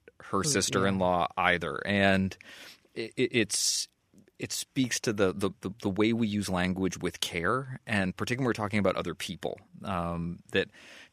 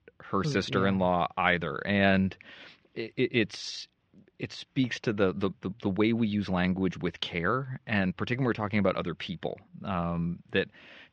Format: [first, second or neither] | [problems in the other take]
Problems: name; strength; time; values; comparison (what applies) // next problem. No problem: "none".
first | muffled; slightly; fading above 4 kHz